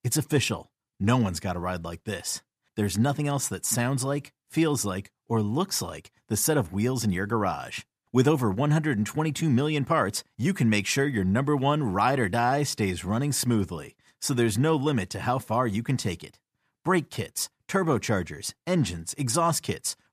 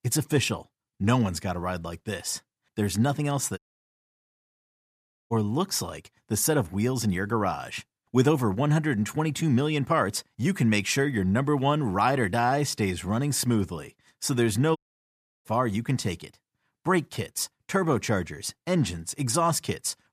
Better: first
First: none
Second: audio cutting out; at 3.5 s for 1.5 s and at 15 s for 0.5 s

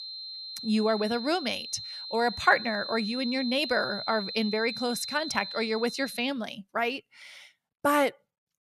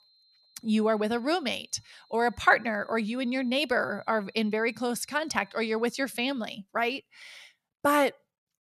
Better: second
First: high-pitched whine; loud; until 6 s; 4 kHz, 7 dB below the speech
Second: high-pitched whine; faint; until 6 s; 4 kHz, 30 dB below the speech

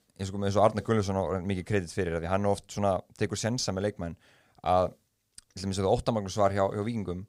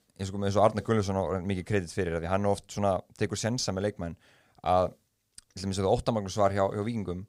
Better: neither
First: none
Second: none

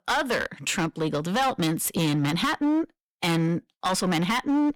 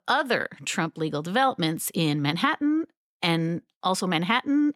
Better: second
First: distortion; heavy; 17% of the sound clipped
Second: none

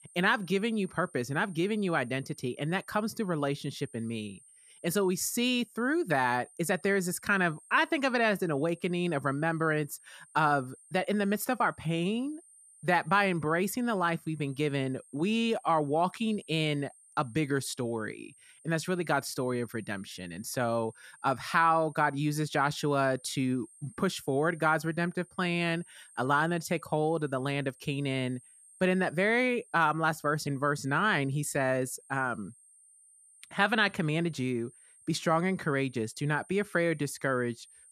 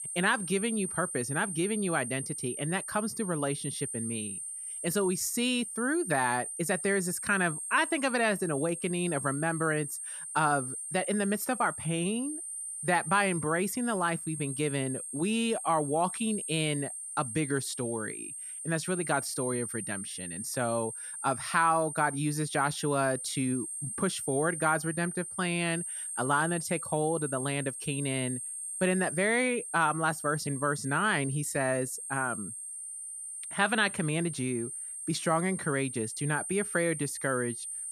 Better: first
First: high-pitched whine; faint; throughout; 9 kHz, 25 dB below the speech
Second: high-pitched whine; loud; throughout; 9 kHz, 6 dB below the speech

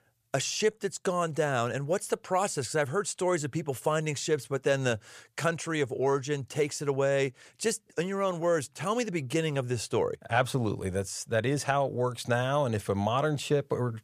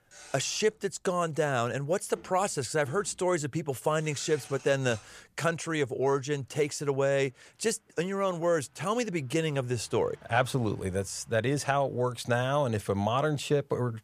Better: first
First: none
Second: traffic noise; faint; throughout; 25 dB below the speech

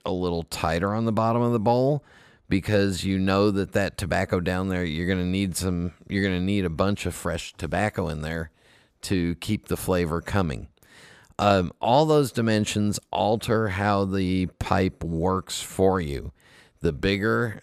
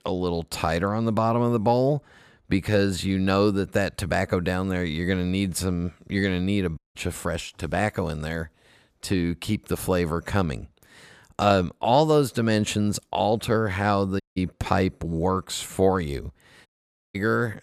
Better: first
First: none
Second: audio cutting out; at 7 s, at 14 s and at 17 s

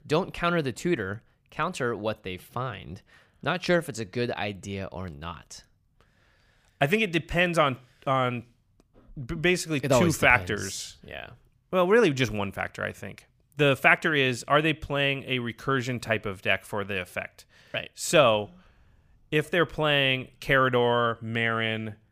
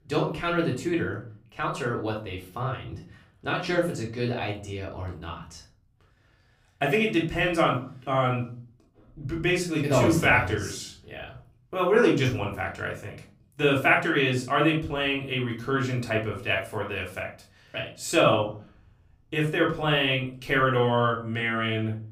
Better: first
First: none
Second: off-mic speech; far // room echo; slight; dies away in 0.4 s

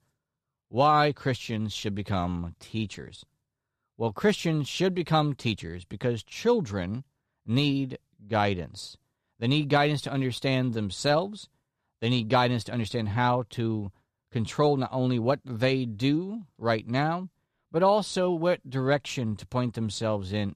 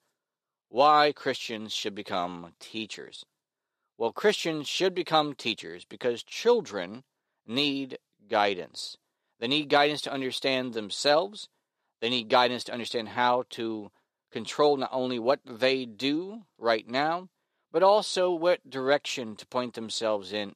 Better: first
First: none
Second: thin; somewhat; fading below 400 Hz

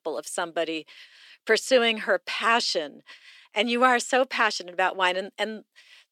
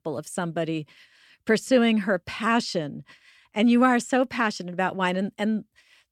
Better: second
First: thin; somewhat; fading below 400 Hz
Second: none

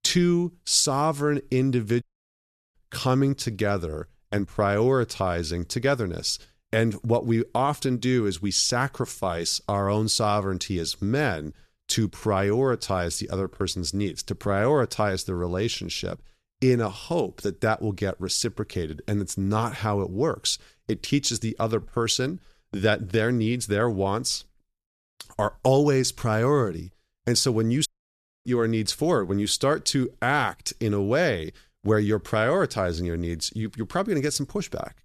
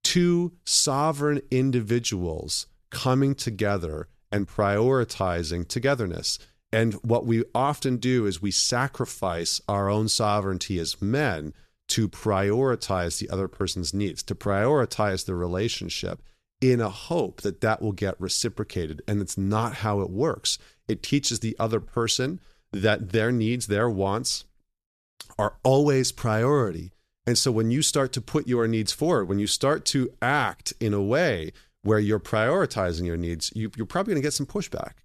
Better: second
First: audio cutting out; at 2 s for 0.5 s and at 28 s for 0.5 s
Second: none

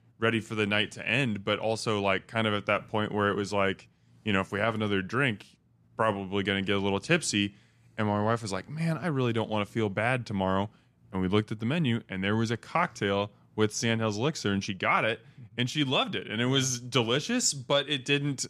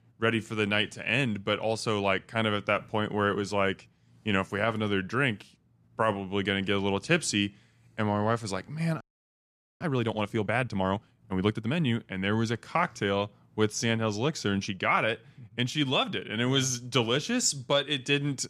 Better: first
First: none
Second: audio freezing; at 9 s for 1 s

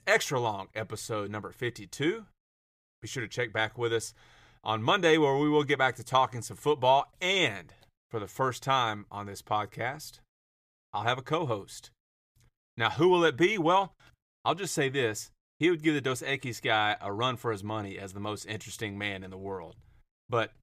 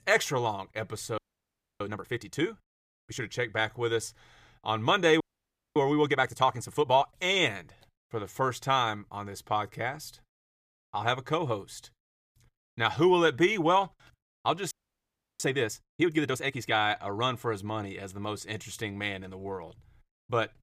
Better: first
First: none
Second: audio freezing; at 1 s for 0.5 s, at 5 s for 0.5 s and at 15 s for 0.5 s

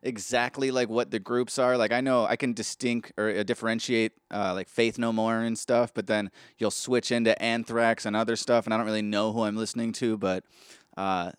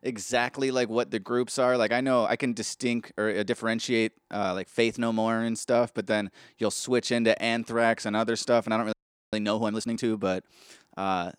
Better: first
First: none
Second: audio freezing; at 9 s

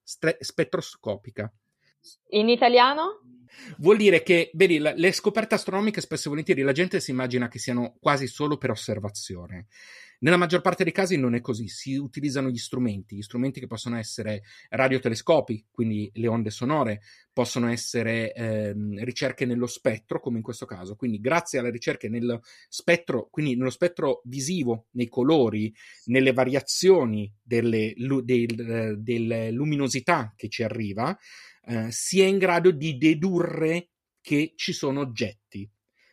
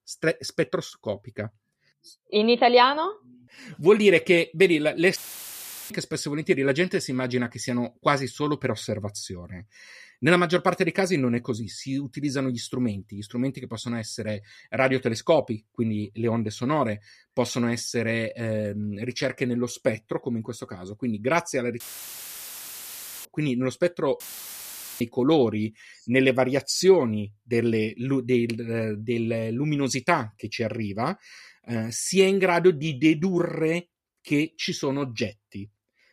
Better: first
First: none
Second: audio cutting out; filled with static; at 5 s for 0.5 s, at 22 s for 1.5 s and at 24 s for 1 s

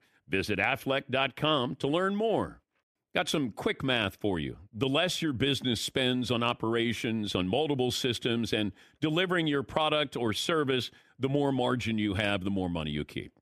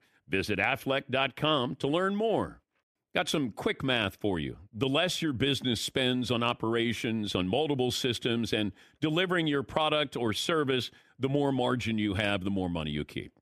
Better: neither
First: none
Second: none

